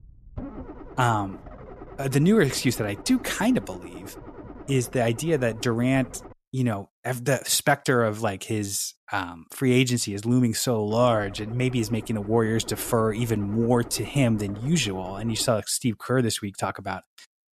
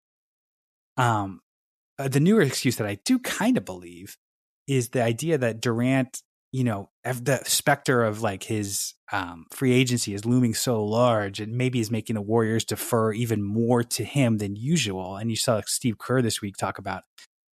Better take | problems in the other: second | low rumble; noticeable; until 6.5 s and from 11 to 15 s; 20 dB below the speech

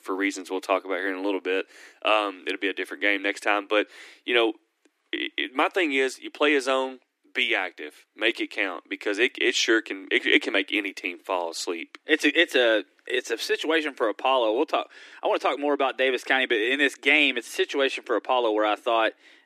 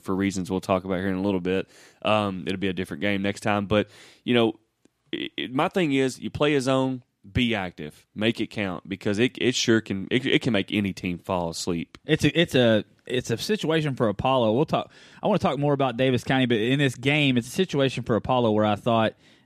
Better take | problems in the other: second | thin; somewhat; fading below 300 Hz

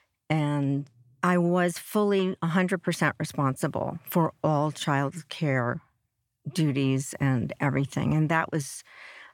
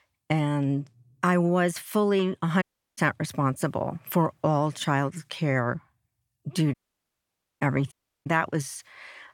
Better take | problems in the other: first | audio cutting out; at 2.5 s, at 6.5 s for 1 s and at 8 s

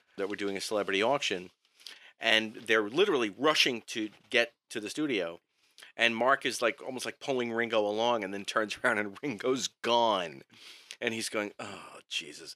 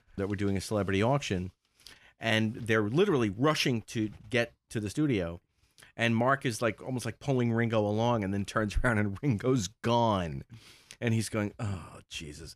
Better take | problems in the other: second | thin; somewhat; fading below 400 Hz

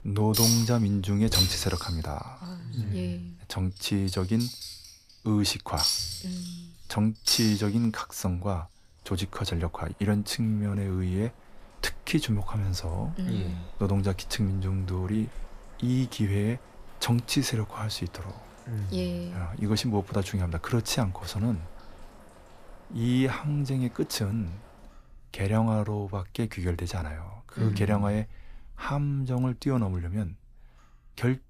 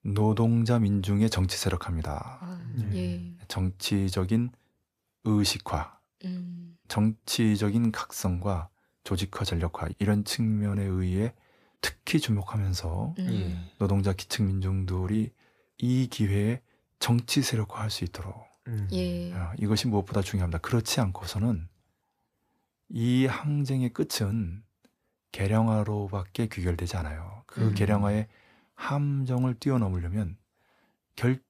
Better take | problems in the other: second | household noises; very loud; throughout; as loud as the speech

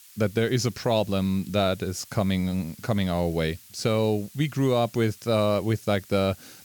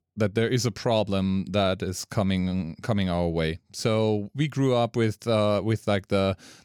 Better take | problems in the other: second | hiss; faint; throughout; 20 dB below the speech

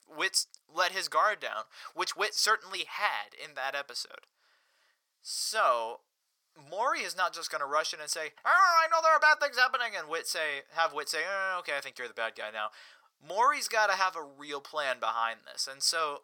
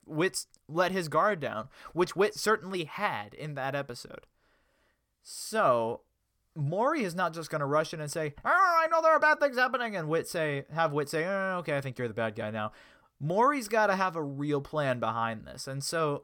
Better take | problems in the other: second | thin; very; fading below 850 Hz

